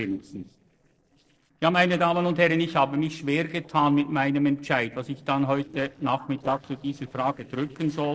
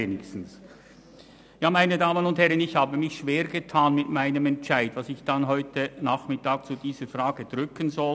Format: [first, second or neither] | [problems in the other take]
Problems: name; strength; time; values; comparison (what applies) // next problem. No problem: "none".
second | noise reduction (neural separator model SepFormer DNS4)